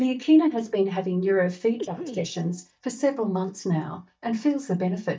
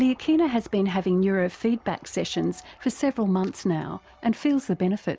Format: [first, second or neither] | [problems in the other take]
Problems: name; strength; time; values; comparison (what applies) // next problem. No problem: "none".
second | noise reduction (neural mask model DeepFilterNet 3)